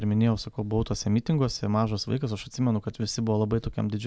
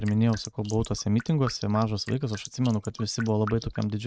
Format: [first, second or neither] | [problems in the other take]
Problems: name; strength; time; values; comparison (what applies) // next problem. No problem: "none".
first | noise reduction (neural mask model RNNoise)